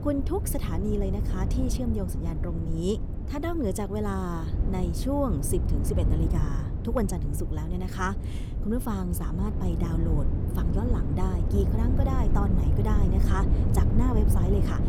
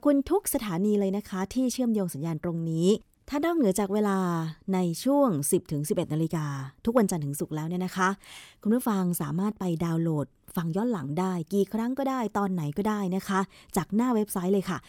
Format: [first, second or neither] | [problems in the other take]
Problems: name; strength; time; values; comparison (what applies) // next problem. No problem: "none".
second | wind noise on the microphone; heavy; 5 dB below the speech